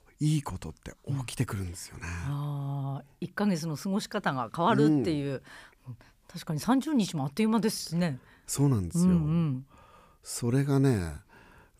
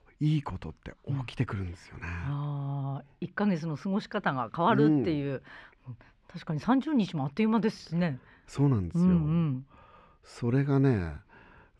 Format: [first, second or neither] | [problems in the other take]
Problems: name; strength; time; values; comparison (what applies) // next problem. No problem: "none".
first | muffled; slightly; fading above 2.5 kHz